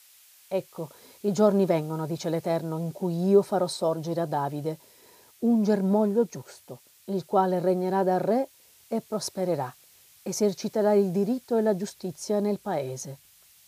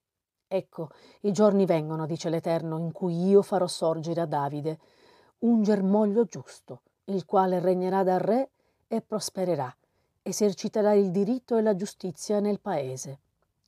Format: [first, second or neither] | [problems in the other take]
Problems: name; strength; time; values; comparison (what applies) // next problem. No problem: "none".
second | hiss; faint; throughout; 25 dB below the speech